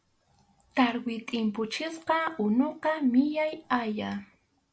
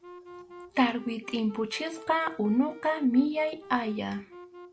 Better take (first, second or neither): first